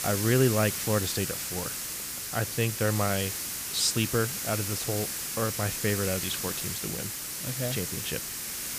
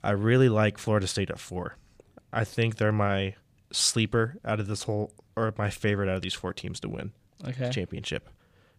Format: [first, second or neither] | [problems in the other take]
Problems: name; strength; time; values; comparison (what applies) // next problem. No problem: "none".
second | hiss; loud; throughout; 1 dB below the speech